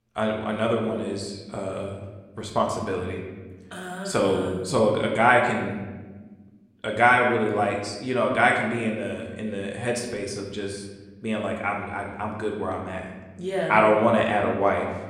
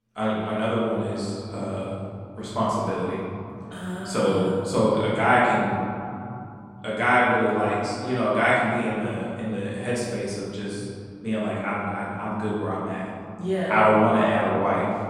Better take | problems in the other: first | room echo; strong; dies away in 3 s; slight in the first // off-mic speech; far; somewhat distant in the first

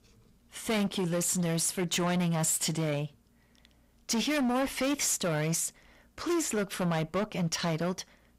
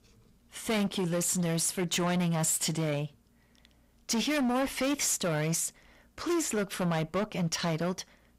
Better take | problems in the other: neither | distortion; heavy; 16% of the sound clipped; the same in both

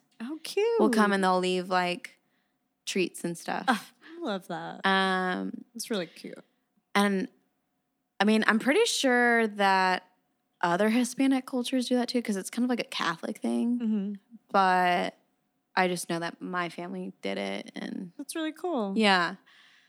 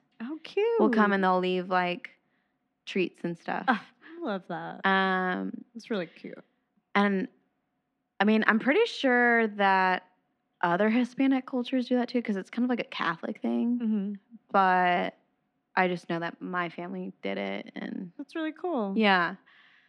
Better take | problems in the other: first | muffled; slightly; fading above 2.5 kHz

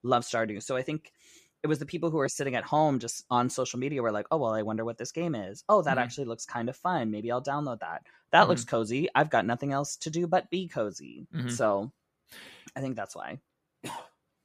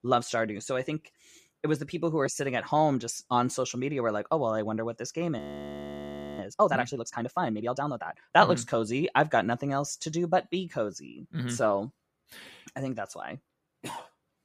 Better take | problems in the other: first | audio freezing; at 5.5 s for 1 s

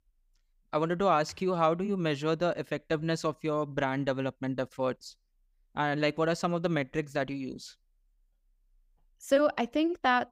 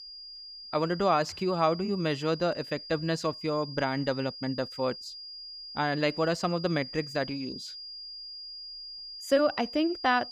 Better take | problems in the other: first | high-pitched whine; noticeable; throughout; 5 kHz, 10 dB below the speech

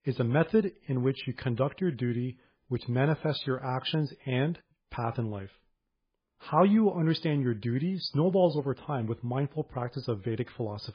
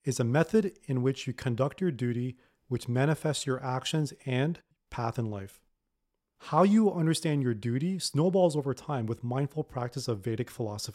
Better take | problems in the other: second | garbled, watery; badly

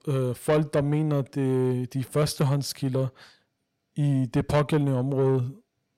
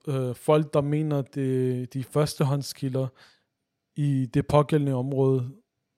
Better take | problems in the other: second | distortion; slight; 10 dB below the speech

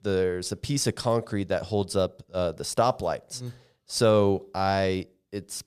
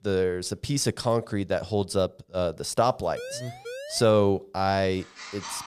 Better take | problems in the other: first | siren; faint; at 3 s; peak 10 dB below the speech // phone ringing; faint; at 5 s; peak 10 dB below the speech

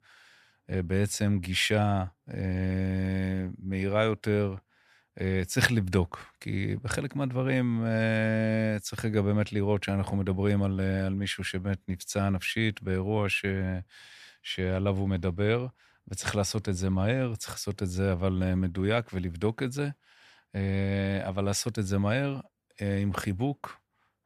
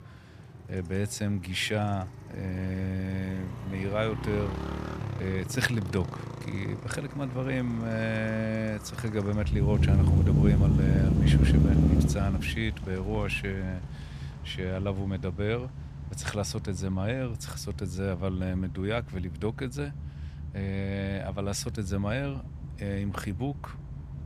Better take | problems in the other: first | traffic noise; very loud; throughout; 1 dB above the speech

